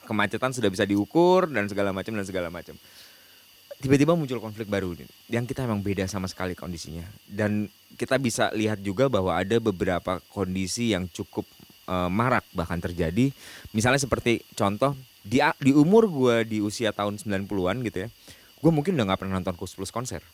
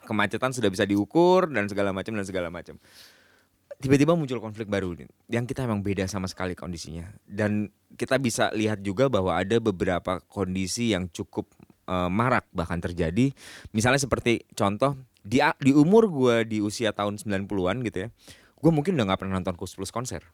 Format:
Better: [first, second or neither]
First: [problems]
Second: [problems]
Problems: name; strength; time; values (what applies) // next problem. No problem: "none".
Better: second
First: hiss; faint; throughout; 25 dB below the speech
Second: none